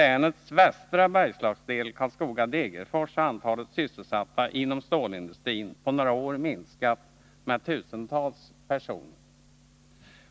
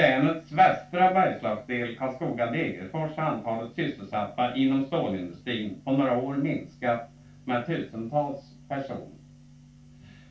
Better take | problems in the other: first | room echo; dies away in 0.2 s

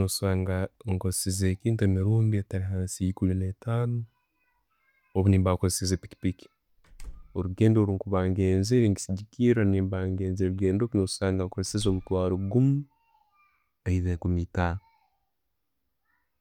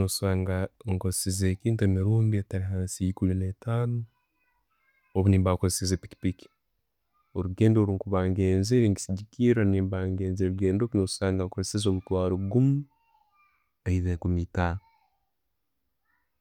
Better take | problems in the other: second | background sound (Slam); 19 dB below the speech

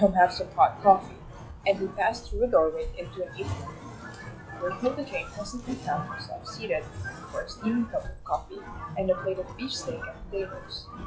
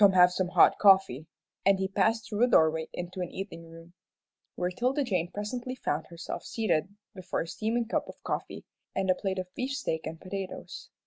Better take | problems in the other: second | noise reduction (classical method log-MMSE)

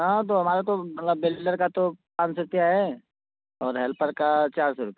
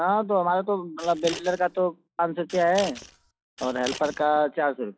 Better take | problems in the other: first | noise reduction (classical method log-MMSE)

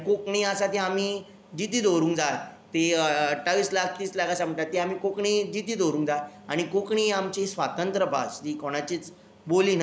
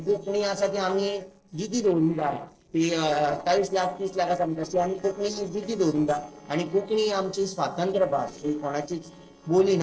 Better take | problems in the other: first | noise reduction (neural separator model SepFormer DNS4)

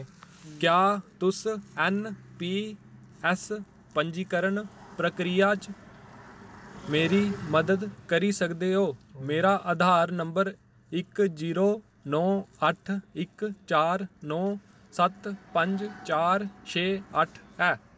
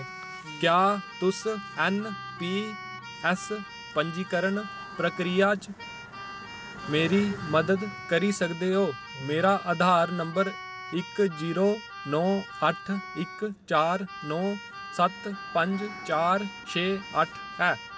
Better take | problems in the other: first | background sound (Keyboard (musical)); 13 dB below the speech

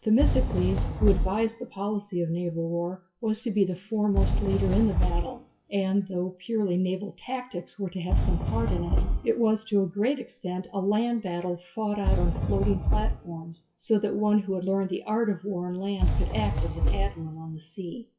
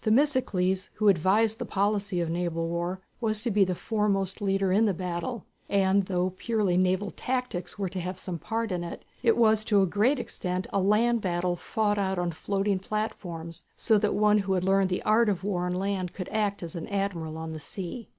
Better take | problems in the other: second | noise reduction (classical method WPE with log-MMSE)

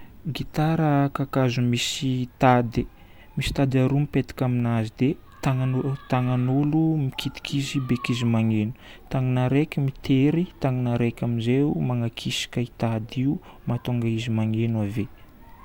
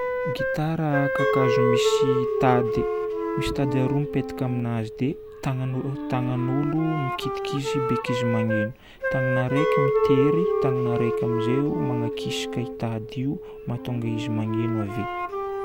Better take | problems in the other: first | background sound (Wind instrument, woodwind instrument + Chink, clink); 1 dB above the speech

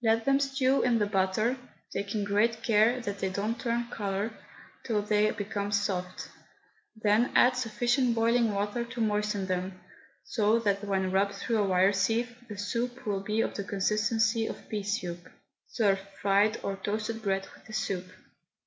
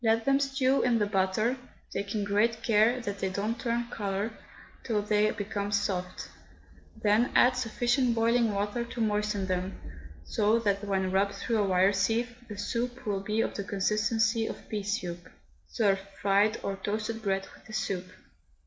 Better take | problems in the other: first | background sound (Thunder); 20 dB below the speech

